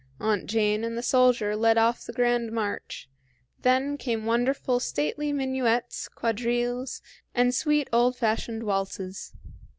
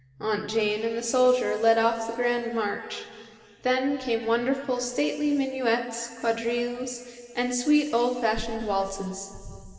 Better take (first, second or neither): first